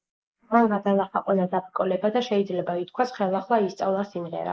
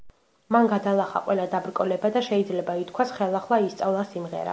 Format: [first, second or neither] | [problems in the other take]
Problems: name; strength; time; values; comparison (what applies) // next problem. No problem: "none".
second | noise reduction (neural mask model Resemble Enhance denoiser)